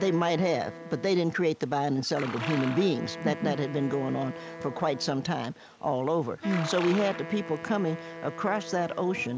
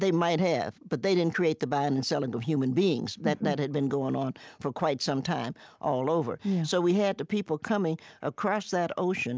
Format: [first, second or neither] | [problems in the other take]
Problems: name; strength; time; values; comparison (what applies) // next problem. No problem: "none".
second | background sound (Wind instrument, woodwind instrument + Livestock, farm animals, working animals); 11 dB below the speech